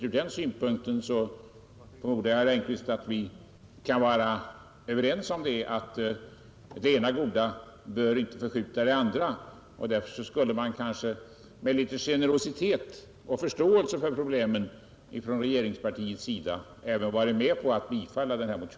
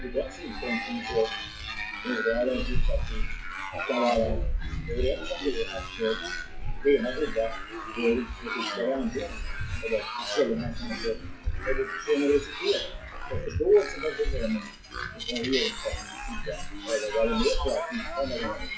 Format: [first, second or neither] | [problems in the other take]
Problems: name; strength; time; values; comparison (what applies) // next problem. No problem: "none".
first | noise reduction (classical method WPE with log-MMSE)